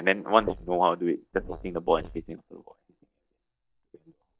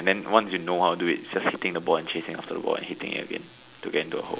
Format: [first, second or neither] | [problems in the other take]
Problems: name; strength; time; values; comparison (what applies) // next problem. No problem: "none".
second | noise reduction (neural mask model DeepFilterNet 3)